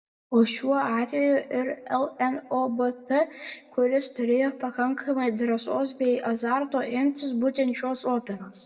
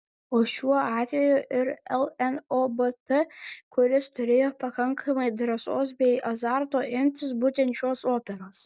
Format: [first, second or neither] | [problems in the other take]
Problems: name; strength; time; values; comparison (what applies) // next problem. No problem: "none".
second | room echo; dies away in 1.1 s